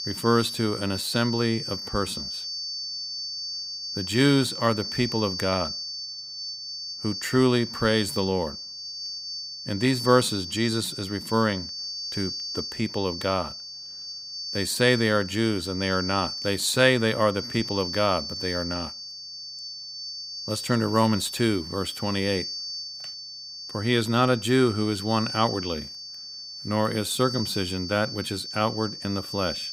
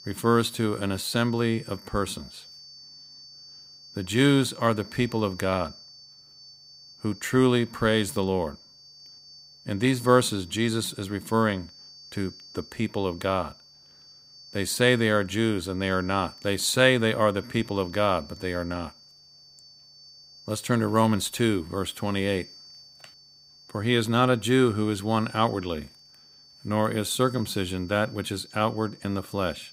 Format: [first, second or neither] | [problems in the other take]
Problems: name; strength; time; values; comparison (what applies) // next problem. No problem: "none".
second | high-pitched whine; loud; throughout; 4.5 kHz, 7 dB below the speech; faint in the second